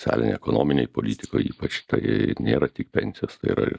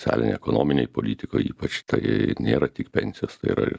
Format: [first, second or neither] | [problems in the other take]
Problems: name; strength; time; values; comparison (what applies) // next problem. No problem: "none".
second | noise reduction (neural mask model DeepFilterNet 3)